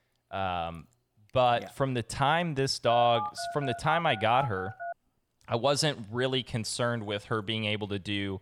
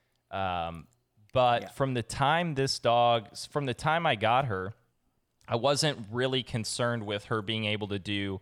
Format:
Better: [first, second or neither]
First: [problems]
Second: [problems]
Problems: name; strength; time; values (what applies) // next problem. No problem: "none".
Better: second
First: phone ringing; noticeable; from 3 to 5 s; peak 6 dB below the speech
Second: none